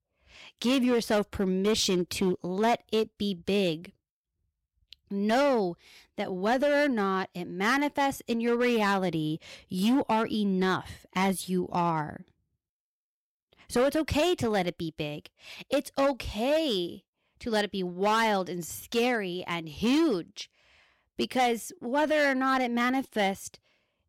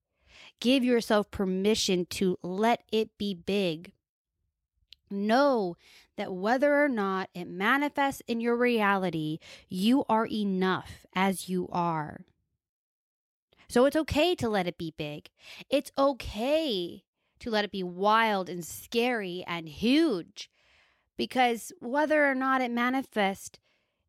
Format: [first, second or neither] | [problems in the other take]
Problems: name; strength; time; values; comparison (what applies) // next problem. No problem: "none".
second | distortion; slight; 7% of the sound clipped